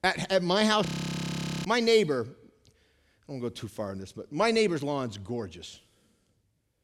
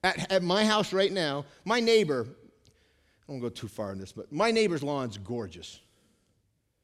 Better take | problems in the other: second | audio freezing; at 1 s for 1 s

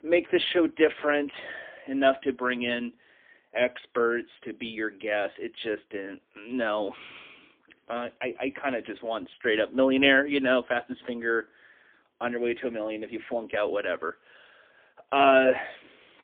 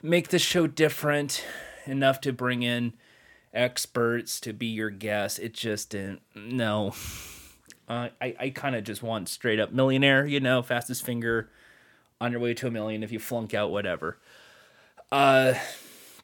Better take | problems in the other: second | phone-call audio; poor line; nothing above 3.5 kHz

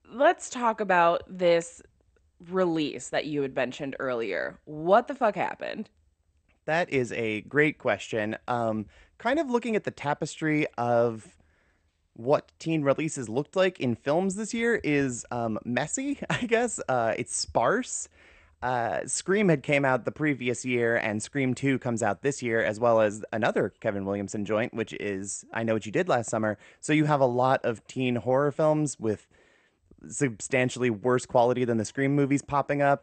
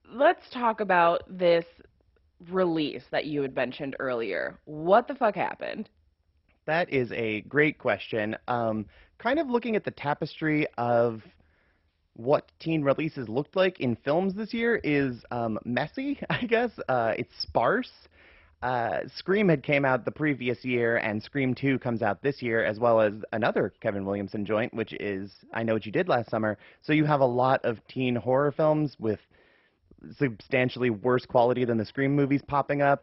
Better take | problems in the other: first | garbled, watery; badly; nothing above 5.5 kHz; slightly in the first

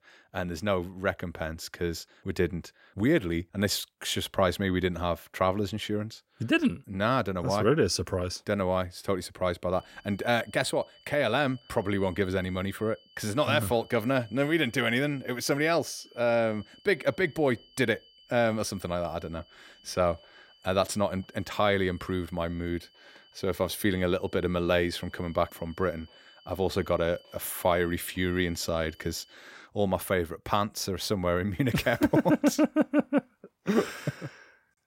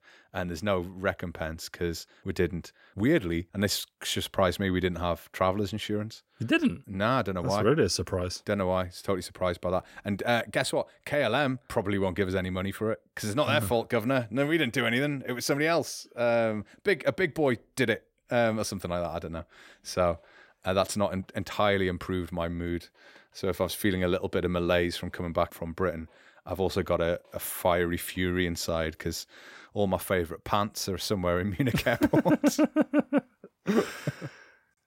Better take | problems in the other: second | high-pitched whine; faint; from 9.5 to 29 s; 3 kHz, 25 dB below the speech

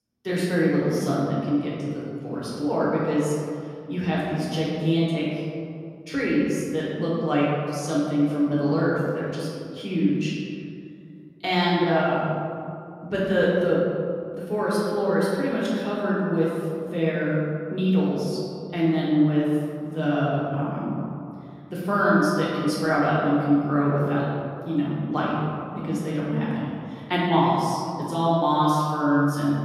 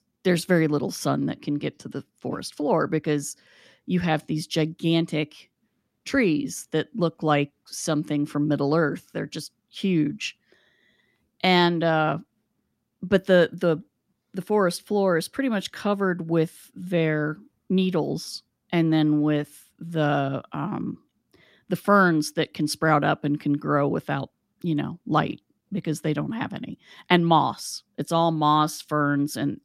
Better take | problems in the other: second | room echo; strong; dies away in 2.3 s // off-mic speech; far

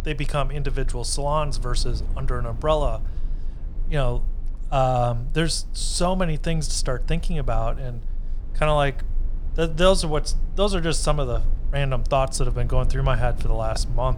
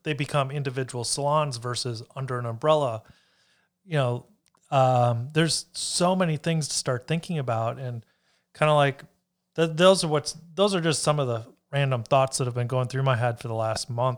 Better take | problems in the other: second | low rumble; faint; throughout; 25 dB below the speech

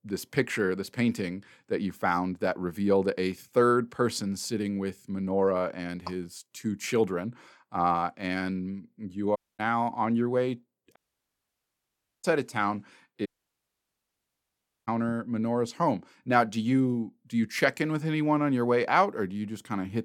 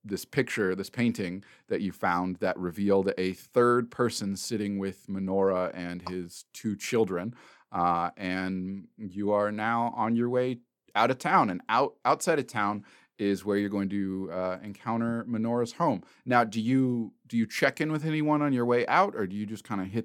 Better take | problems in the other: second | audio cutting out; at 9.5 s, at 11 s for 1.5 s and at 13 s for 1.5 s

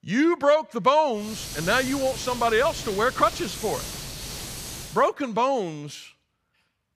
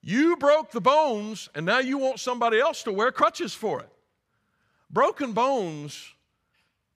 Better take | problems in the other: second | hiss; noticeable; from 1.5 to 5 s; 10 dB below the speech

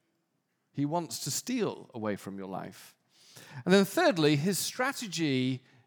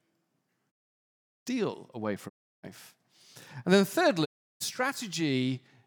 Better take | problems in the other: first | audio cutting out; at 0.5 s for 0.5 s, at 2.5 s and at 4.5 s

